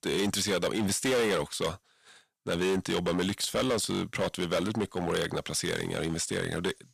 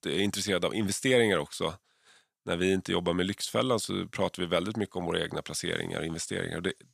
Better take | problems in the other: second | distortion; heavy; 12% of the sound clipped

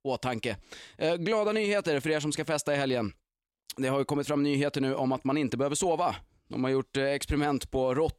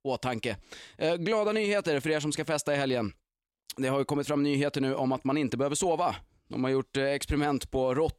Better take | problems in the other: neither | none

